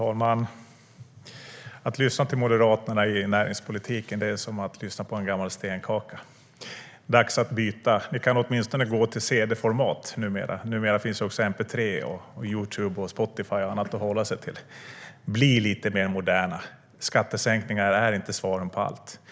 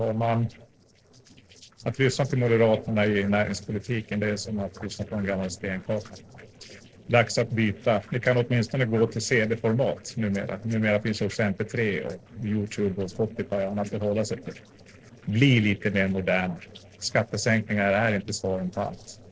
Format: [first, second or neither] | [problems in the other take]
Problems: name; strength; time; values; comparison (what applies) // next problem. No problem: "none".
first | noise reduction (neural separator model SepFormer DNS4)